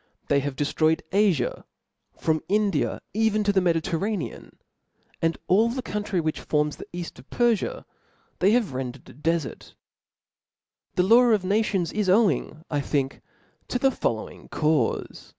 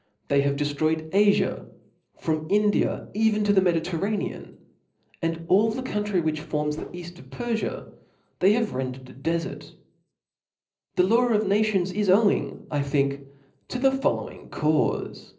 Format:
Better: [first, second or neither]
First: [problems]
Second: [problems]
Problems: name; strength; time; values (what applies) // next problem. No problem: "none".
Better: first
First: none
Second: noise reduction (neural separator model SepFormer DNS4)